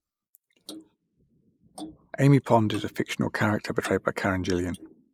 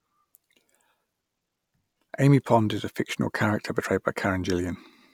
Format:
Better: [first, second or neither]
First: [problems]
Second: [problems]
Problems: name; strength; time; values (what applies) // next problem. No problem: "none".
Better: second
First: noise reduction (neural mask model Resemble Enhance denoiser)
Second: none